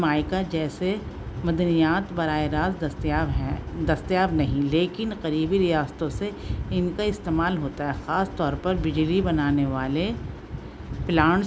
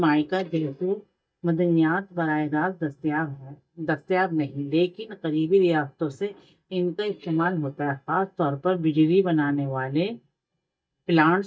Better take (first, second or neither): first